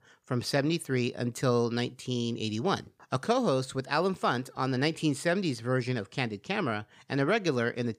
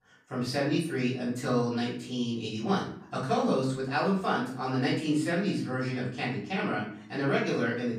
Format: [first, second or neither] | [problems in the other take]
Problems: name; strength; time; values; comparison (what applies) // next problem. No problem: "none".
first | off-mic speech; far // room echo; noticeable; dies away in 0.5 s